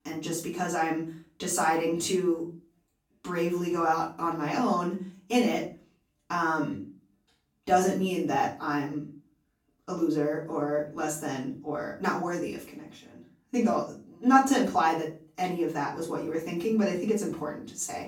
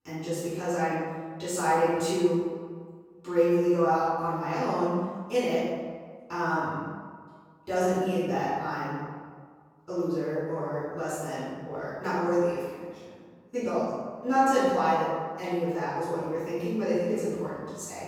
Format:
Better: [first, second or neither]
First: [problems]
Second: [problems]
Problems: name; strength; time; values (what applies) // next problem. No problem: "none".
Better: first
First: room echo; slight; dies away in 0.3 s // off-mic speech; far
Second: room echo; strong; dies away in 1.4 s // off-mic speech; far